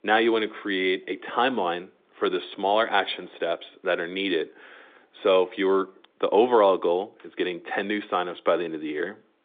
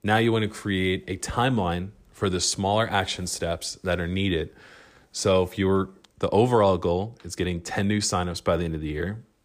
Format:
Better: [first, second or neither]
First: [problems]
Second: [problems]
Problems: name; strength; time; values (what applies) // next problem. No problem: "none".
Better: second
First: phone-call audio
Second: none